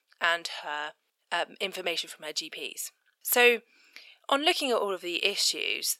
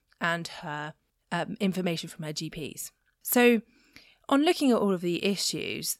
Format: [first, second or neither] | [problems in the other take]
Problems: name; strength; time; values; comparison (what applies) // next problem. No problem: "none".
second | thin; very; fading below 450 Hz